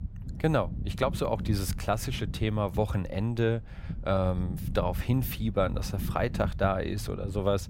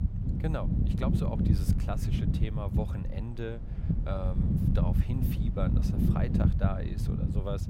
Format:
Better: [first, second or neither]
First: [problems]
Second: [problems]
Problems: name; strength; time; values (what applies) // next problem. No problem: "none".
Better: first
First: wind noise on the microphone; occasional gusts; 15 dB below the speech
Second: wind noise on the microphone; heavy; as loud as the speech